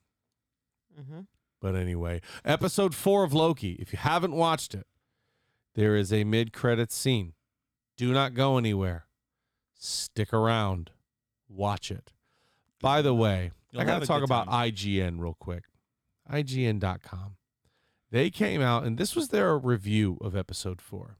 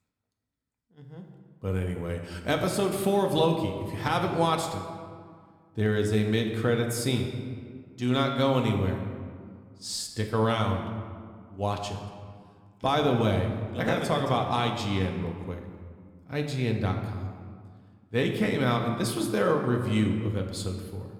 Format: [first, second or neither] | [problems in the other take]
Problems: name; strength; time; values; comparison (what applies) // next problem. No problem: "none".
first | room echo; slight; dies away in 1.4 s